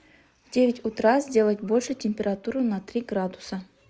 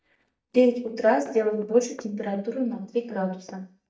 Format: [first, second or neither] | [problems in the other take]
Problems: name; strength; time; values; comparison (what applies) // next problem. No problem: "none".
first | noise reduction (neural mask model DeepFilterNet 3)